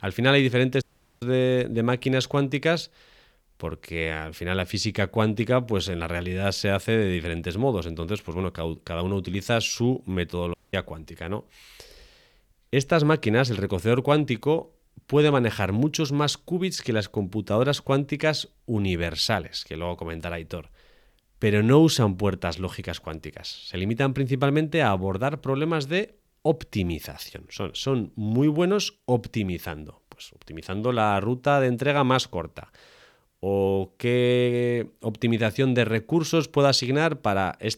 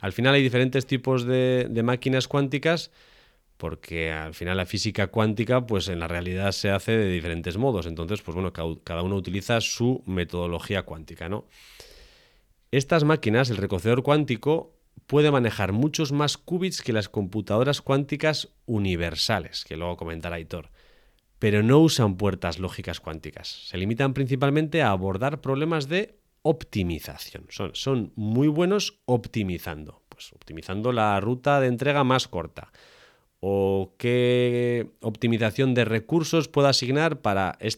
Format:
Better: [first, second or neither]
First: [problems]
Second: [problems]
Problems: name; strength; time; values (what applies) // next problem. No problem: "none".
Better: second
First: audio cutting out; at 1 s and at 11 s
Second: none